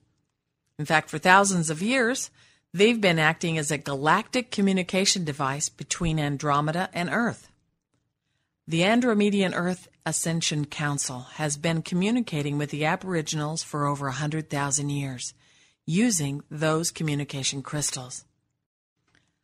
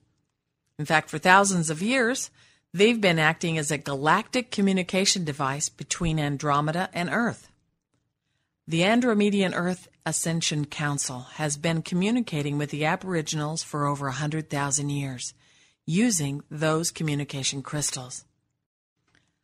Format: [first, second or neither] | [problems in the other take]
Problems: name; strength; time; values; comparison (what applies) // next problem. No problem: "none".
neither | none